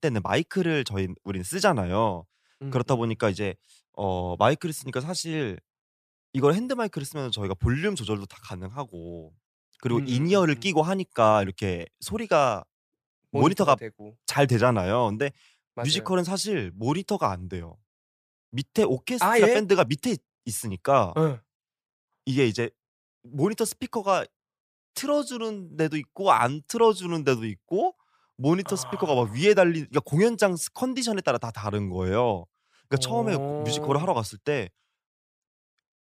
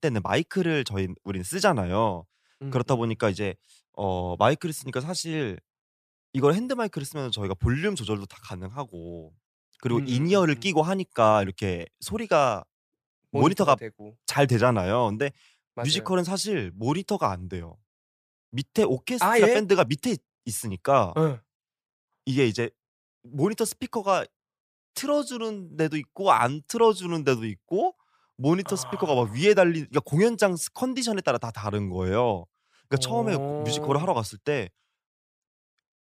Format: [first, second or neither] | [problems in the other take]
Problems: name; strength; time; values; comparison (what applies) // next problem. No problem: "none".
neither | none